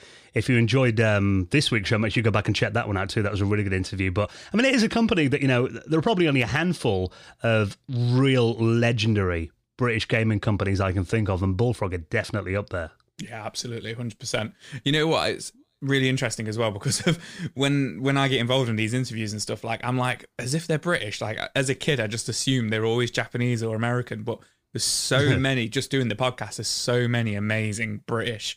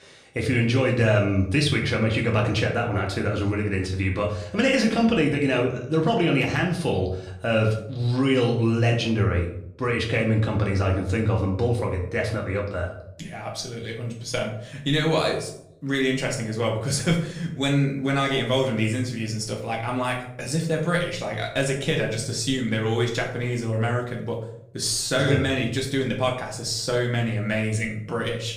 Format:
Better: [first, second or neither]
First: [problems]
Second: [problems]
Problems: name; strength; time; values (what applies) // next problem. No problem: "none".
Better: first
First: none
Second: room echo; slight; dies away in 0.5 s // off-mic speech; somewhat distant